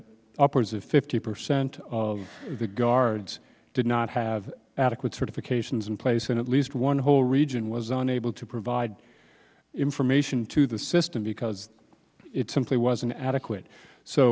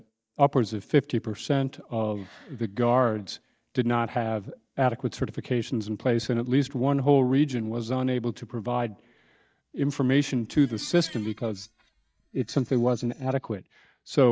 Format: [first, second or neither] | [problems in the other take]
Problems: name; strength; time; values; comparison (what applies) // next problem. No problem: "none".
first | noise reduction (neural mask model DeepFilterNet 3)